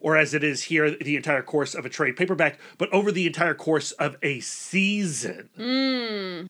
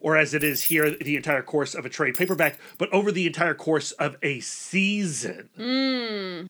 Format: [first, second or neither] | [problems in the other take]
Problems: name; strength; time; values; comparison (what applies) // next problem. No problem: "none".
first | jangling keys; loud; at 0.5 s; peak 1 dB above the speech // jangling keys; noticeable; at 2 s; peak 6 dB below the speech